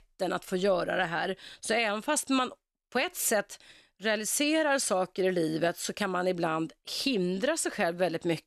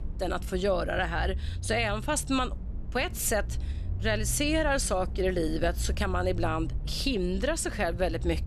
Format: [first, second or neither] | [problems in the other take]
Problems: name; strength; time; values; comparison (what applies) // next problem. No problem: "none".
first | low rumble; faint; throughout; 20 dB below the speech